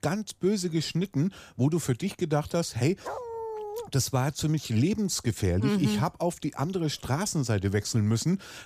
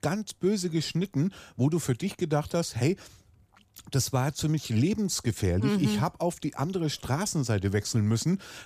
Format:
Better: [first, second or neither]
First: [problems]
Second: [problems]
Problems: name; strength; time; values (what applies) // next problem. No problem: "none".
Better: second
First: dog barking; noticeable; at 3 s; peak 8 dB below the speech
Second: none